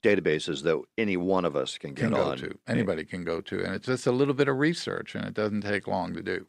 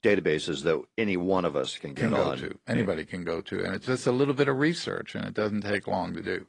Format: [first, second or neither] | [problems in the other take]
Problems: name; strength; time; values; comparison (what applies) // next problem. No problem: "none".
first | garbled, watery; slightly